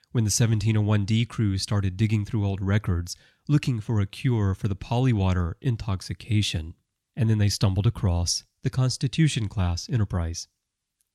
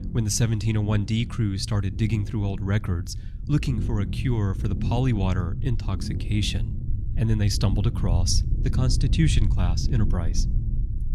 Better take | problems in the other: first | low rumble; noticeable; throughout; 10 dB below the speech

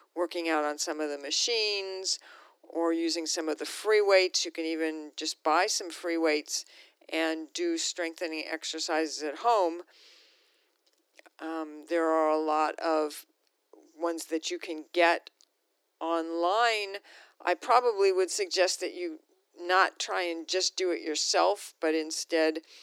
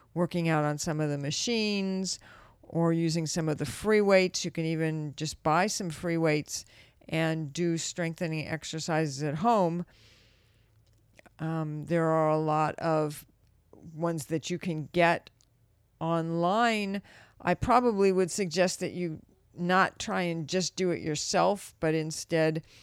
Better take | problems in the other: second | thin; very; fading below 300 Hz

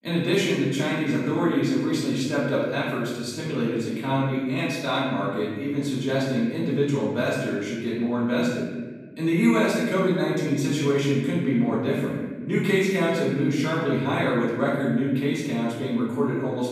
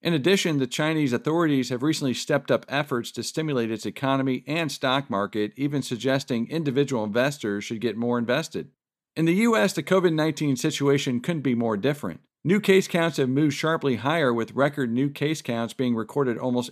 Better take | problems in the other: second | room echo; noticeable; dies away in 1.3 s // off-mic speech; far

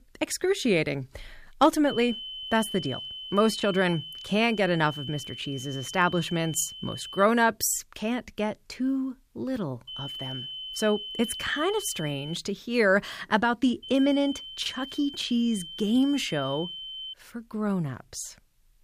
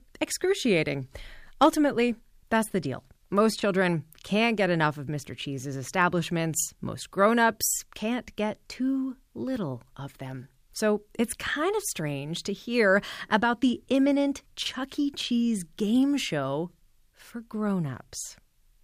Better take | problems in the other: second | high-pitched whine; loud; from 2 to 7 s, from 10 to 12 s and from 14 to 17 s; 3 kHz, 10 dB below the speech

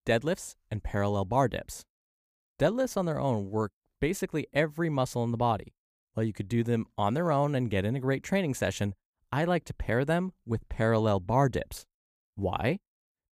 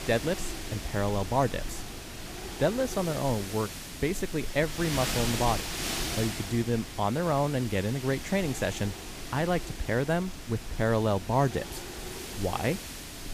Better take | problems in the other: first | wind noise on the microphone; heavy; 7 dB below the speech

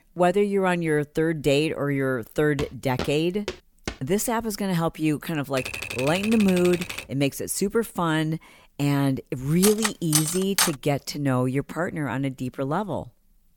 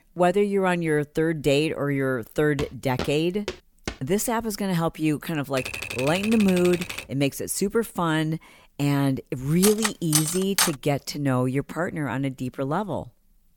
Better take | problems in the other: neither | footsteps; noticeable; from 2.5 to 4 s; peak 9 dB below the speech; the same in both // keyboard typing; noticeable; from 5.5 to 7 s; peak 6 dB below the speech; the same in both // clattering dishes; loud; from 9.5 to 11 s; peak 2 dB above the speech; the same in both

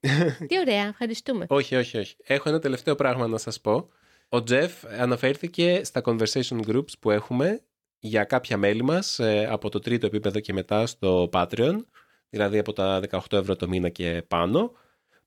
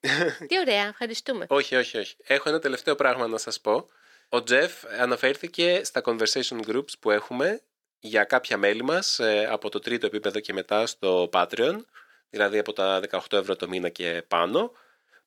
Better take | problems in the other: first | thin; somewhat; fading below 350 Hz

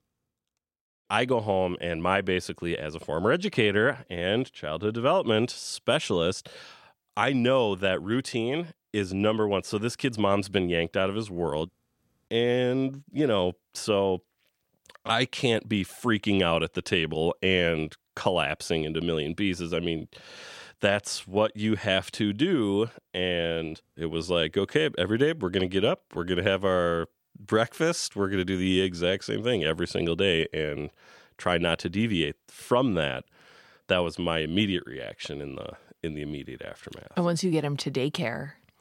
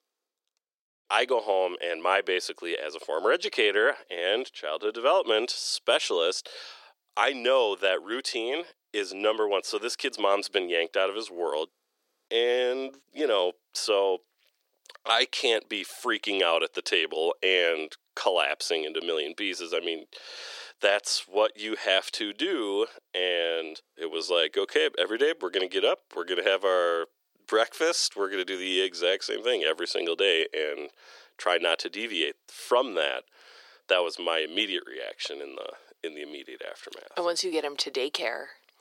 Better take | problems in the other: first | thin; very; fading below 350 Hz

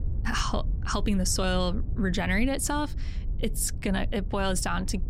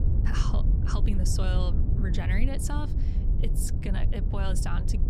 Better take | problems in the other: first | low rumble; loud; throughout; 5 dB below the speech; faint in the first

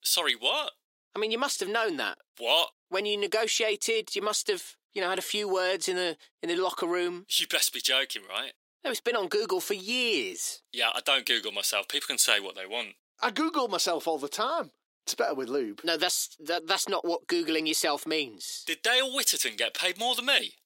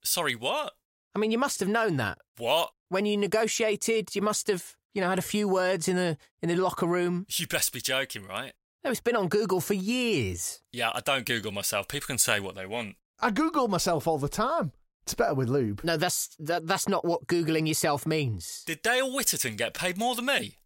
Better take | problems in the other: second | thin; somewhat; fading below 300 Hz

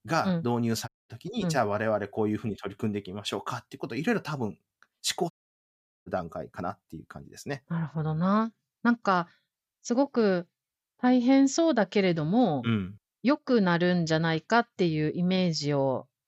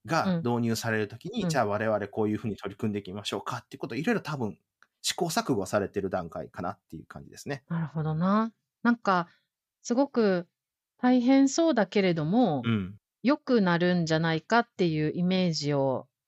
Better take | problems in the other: second | audio cutting out; at 1 s and at 5.5 s for 1 s

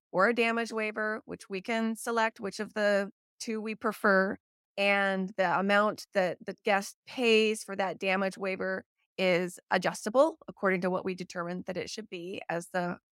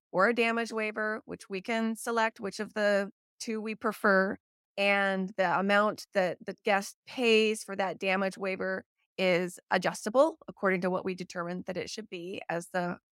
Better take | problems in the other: neither | none

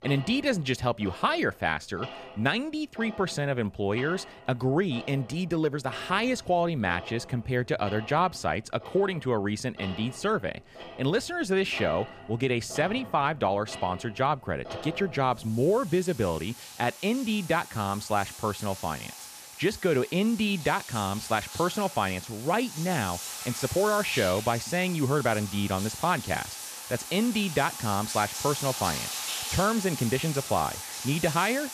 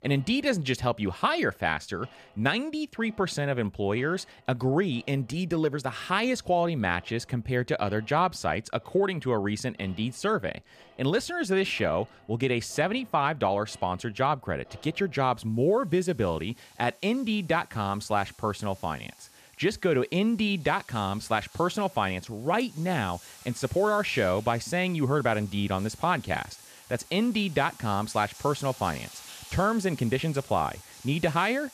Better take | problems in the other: second | household noises; loud; throughout; 10 dB below the speech; faint in the second

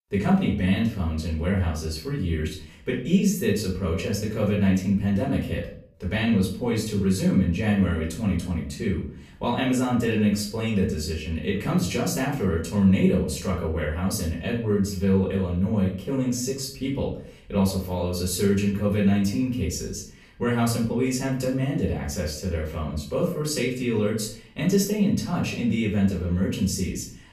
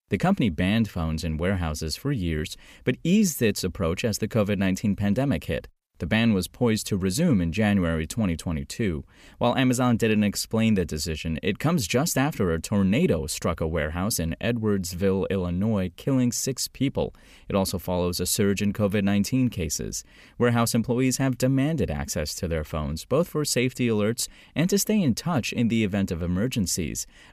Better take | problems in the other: second | off-mic speech; far // room echo; slight; dies away in 0.4 s

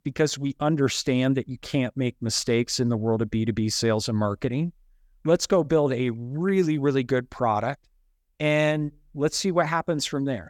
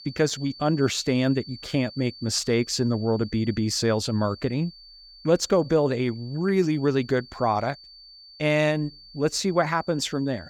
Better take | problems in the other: first | high-pitched whine; noticeable; throughout; 4.5 kHz, 20 dB below the speech

